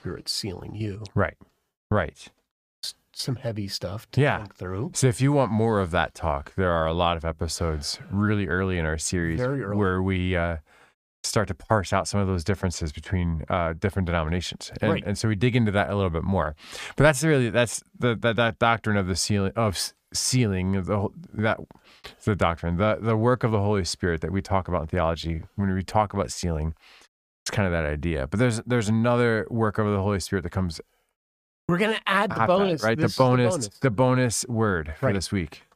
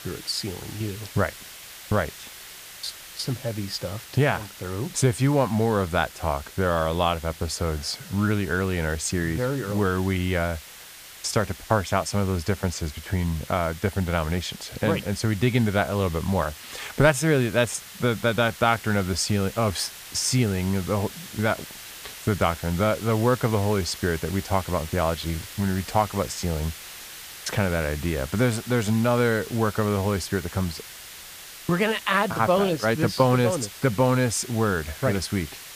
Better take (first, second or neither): first